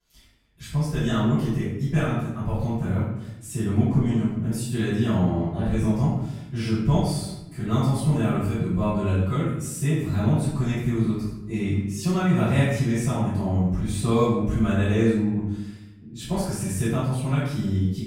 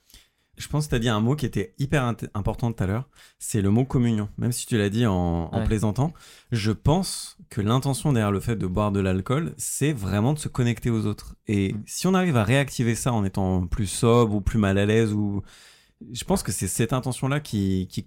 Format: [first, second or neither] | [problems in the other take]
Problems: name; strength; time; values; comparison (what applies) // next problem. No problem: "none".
second | off-mic speech; far // room echo; strong; dies away in 0.9 s